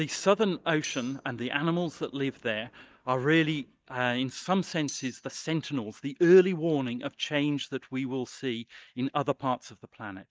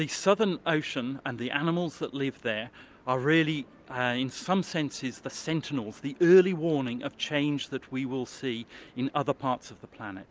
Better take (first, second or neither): second